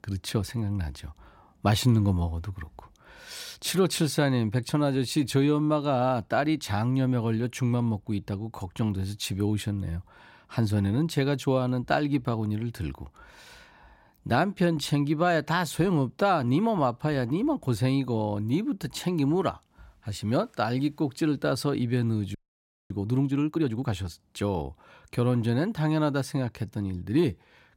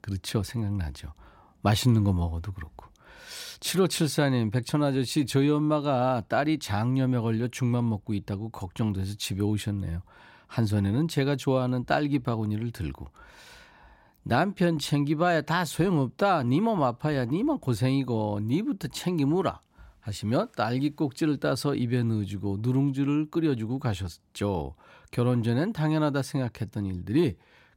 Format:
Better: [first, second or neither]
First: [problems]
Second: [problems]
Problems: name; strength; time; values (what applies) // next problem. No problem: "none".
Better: second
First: audio freezing; at 22 s for 0.5 s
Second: none